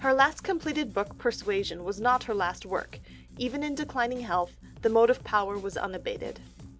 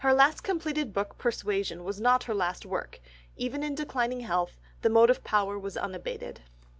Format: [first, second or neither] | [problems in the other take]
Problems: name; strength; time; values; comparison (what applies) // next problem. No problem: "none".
second | background sound (Drum kit); 20 dB below the speech